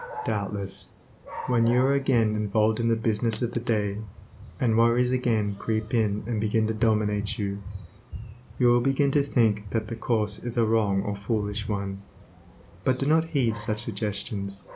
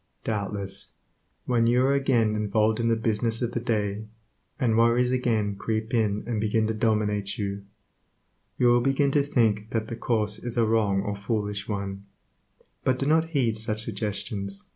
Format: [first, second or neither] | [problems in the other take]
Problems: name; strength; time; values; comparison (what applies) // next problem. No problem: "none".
second | background sound (Dog); 16 dB below the speech